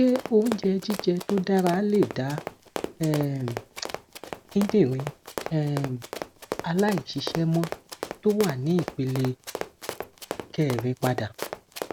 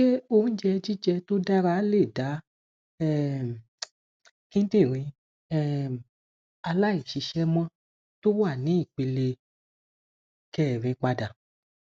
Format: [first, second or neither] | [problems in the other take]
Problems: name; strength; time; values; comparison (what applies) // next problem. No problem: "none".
second | background sound (Run); 10 dB below the speech